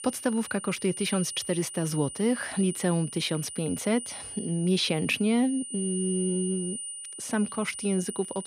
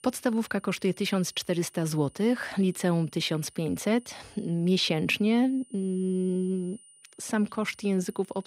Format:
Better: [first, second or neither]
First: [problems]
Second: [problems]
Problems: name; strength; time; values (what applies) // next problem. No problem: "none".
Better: second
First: high-pitched whine; loud; throughout; 9.5 kHz, 8 dB below the speech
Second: high-pitched whine; faint; throughout; 9.5 kHz, 25 dB below the speech